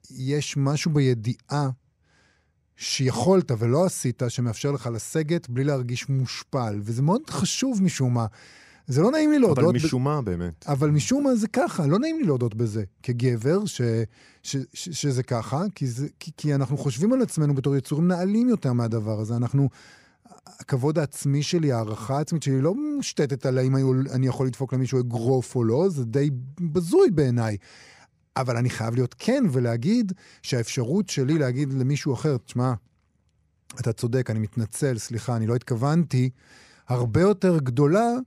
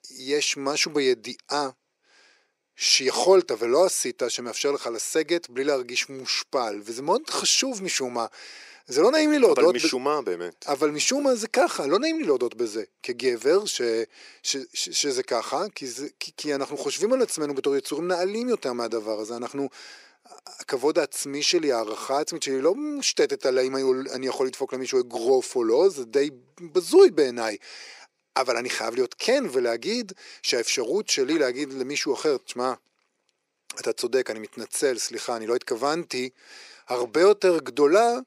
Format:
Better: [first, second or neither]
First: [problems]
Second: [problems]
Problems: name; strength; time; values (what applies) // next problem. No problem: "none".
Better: first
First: none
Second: thin; very; fading below 350 Hz